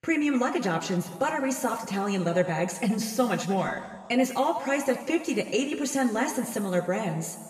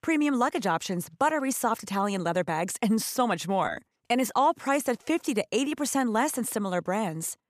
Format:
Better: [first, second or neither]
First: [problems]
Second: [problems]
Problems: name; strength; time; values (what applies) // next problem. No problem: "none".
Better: second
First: room echo; noticeable; dies away in 1.4 s // off-mic speech; somewhat distant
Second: none